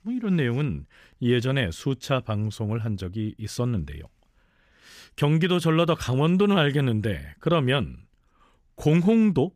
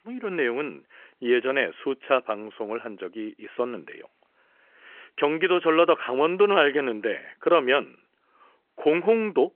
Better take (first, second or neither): first